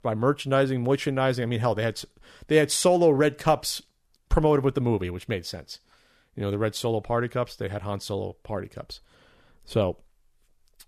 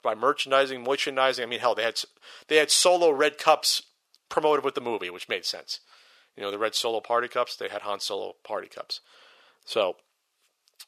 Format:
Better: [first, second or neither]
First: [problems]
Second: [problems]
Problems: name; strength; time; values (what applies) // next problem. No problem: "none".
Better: first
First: none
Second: thin; very; fading below 550 Hz